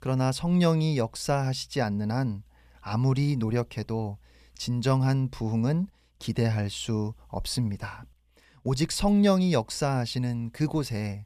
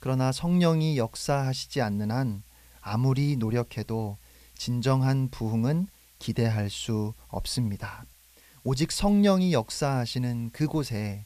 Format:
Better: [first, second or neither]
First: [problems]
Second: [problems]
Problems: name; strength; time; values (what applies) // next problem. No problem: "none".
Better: first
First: none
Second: hiss; faint; throughout; 30 dB below the speech